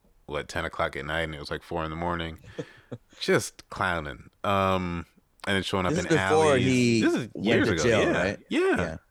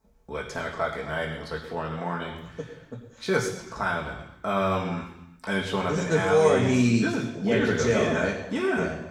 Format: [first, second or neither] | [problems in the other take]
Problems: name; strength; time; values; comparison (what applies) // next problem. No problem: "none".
first | room echo; noticeable; dies away in 0.9 s // off-mic speech; far